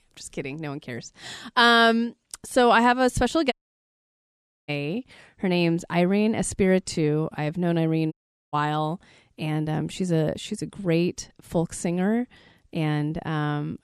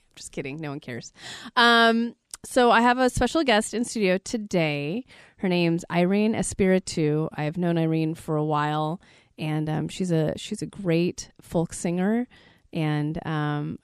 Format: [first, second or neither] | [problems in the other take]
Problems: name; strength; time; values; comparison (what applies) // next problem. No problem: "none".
second | audio cutting out; at 3.5 s for 1 s and at 8 s